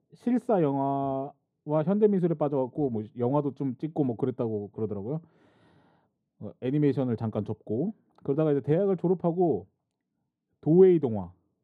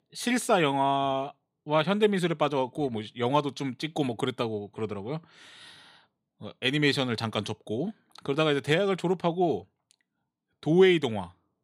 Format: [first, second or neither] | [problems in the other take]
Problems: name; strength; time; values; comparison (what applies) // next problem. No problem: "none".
second | muffled; very; fading above 1.5 kHz